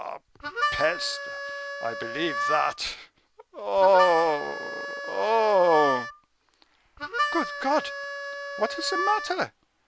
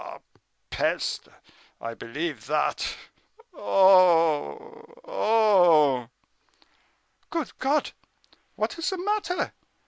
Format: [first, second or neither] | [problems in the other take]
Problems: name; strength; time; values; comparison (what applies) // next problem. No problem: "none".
second | background sound (Harmonica); 5 dB below the speech